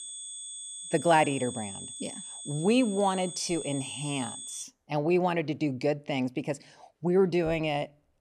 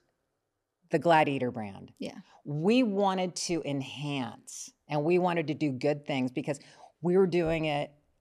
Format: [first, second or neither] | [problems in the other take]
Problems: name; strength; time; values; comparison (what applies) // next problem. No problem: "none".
second | high-pitched whine; loud; until 4.5 s; 8 kHz, 10 dB below the speech